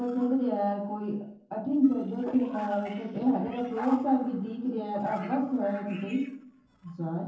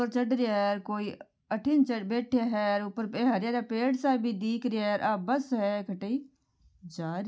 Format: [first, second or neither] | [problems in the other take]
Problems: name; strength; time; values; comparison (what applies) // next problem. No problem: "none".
second | noise reduction (neural separator model SepFormer DNS4)